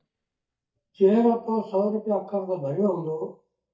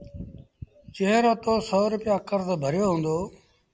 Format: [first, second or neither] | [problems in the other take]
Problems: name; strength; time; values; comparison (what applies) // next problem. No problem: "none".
second | noise reduction (neural mask model DeepFilterNet 3)